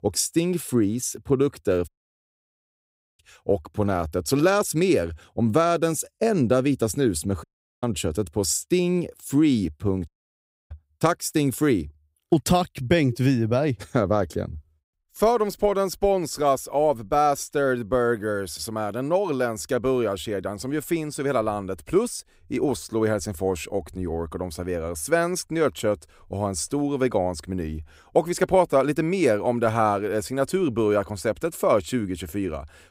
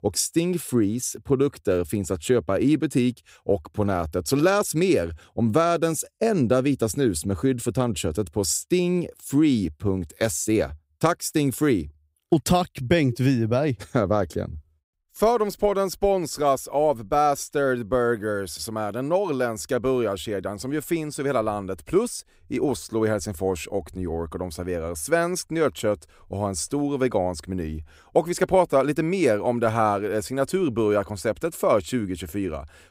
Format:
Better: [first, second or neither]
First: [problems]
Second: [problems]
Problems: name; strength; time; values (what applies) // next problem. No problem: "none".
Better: second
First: audio cutting out; at 2 s for 1.5 s, at 7.5 s and at 10 s for 0.5 s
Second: none